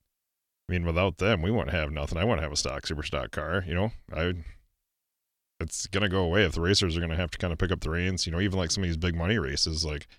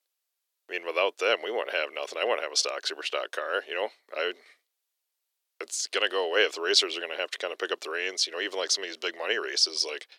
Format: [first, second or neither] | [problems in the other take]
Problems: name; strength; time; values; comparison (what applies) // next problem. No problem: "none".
first | thin; very; fading below 400 Hz